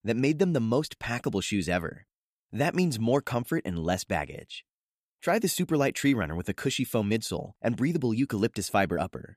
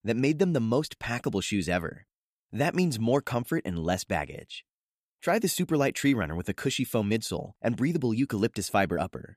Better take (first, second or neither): neither